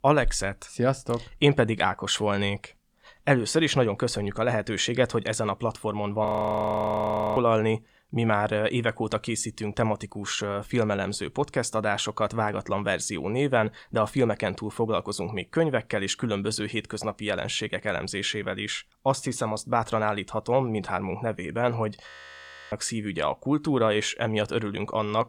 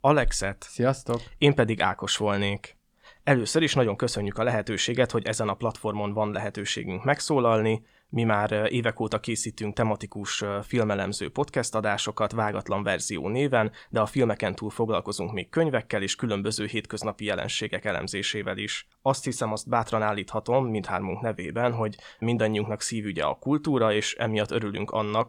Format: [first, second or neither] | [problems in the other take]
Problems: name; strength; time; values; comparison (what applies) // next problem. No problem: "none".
second | audio freezing; at 6.5 s for 1 s and at 22 s for 0.5 s